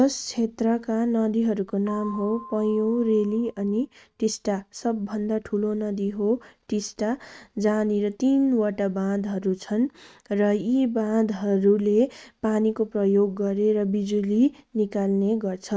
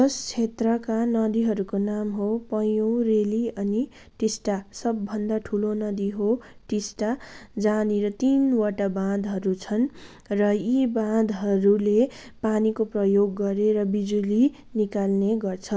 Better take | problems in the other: second | noise reduction (neural mask model RNNoise)

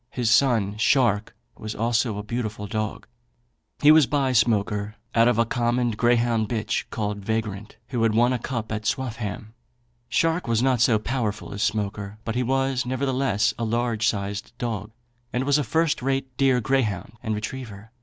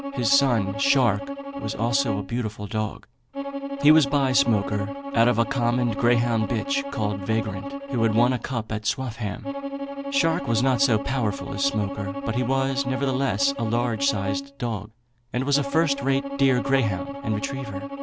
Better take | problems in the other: first | background sound (Bowed string instrument); 7 dB below the speech

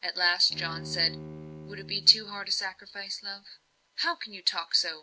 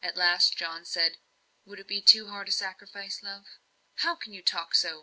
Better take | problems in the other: second | background sound (Bowed string instrument); 15 dB below the speech

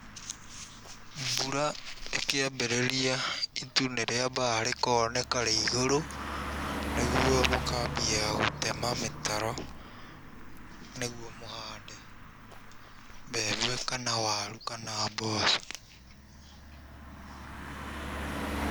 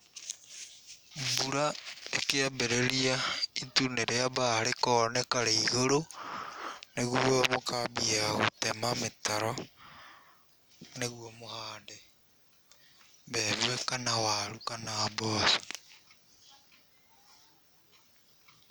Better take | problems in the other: second | background sound (Car passing by); 7 dB below the speech

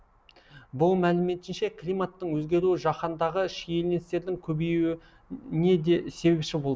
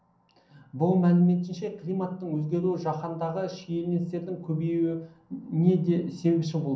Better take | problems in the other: first | room echo; dies away in 0.6 s

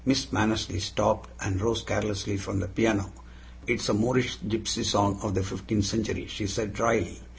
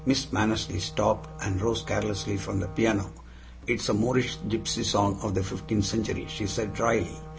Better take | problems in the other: first | background sound (Wind instrument, woodwind instrument); 15 dB below the speech

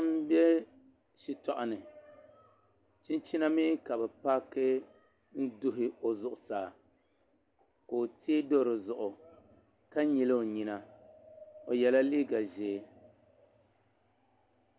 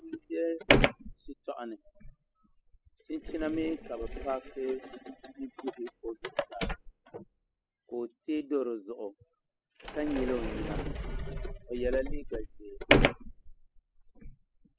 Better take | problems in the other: first | noise reduction (classical method spectral subtraction)

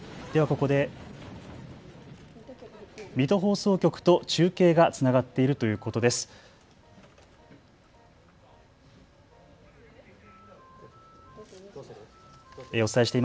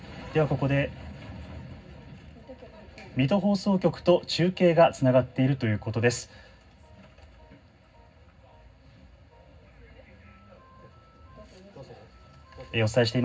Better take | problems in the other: first | room echo; dies away in 0.4 s

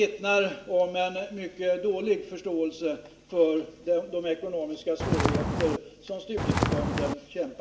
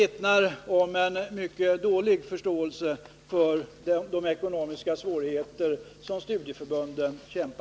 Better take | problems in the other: second | background sound (Walk, footsteps); 2 dB above the speech // room echo; dies away in 1.9 s

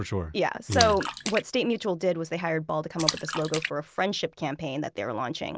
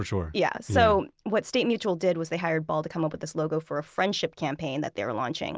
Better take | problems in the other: second | background sound (Splash, splatter); 7 dB below the speech

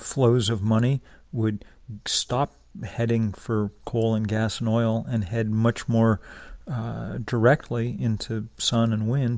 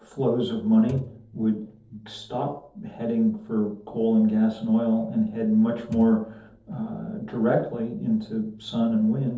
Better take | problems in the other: first | noise reduction (neural separator model SepFormer DNS4)

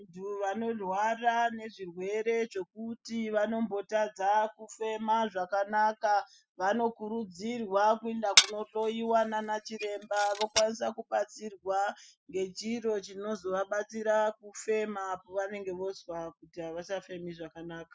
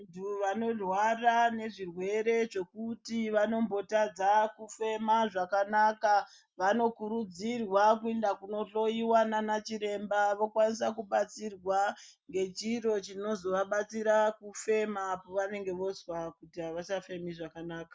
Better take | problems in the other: second | noise reduction (classical method spectral subtraction)

